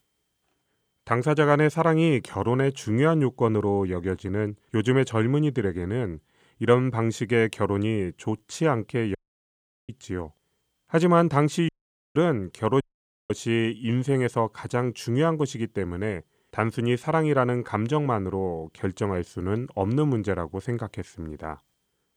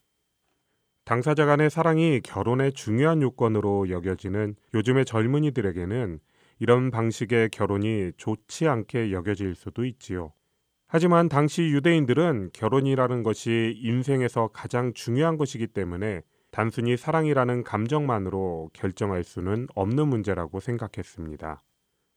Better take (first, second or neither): second